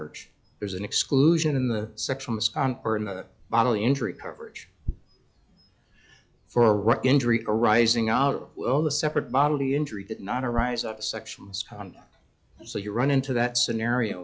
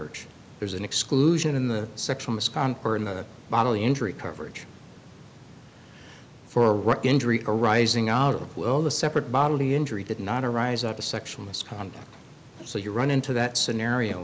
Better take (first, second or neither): second